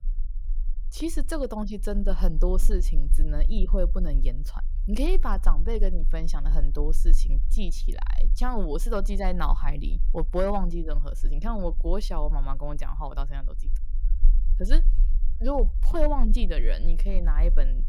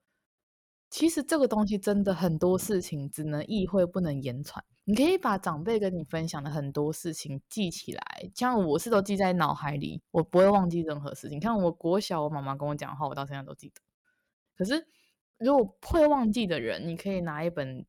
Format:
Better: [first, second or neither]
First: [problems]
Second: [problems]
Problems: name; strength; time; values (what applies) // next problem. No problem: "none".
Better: second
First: low rumble; faint; throughout; 20 dB below the speech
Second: none